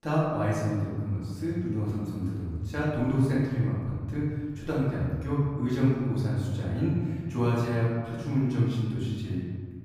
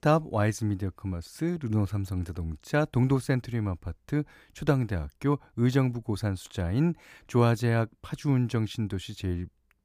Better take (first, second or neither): second